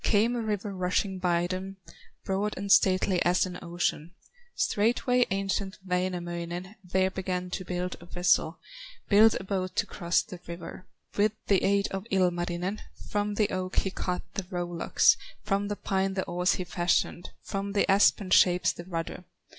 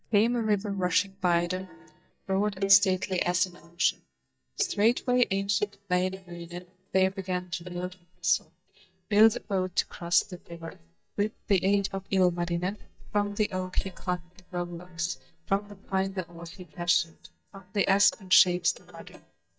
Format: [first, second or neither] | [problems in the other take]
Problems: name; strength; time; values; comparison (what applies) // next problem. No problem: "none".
first | noise reduction (neural mask model DeepFilterNet 3)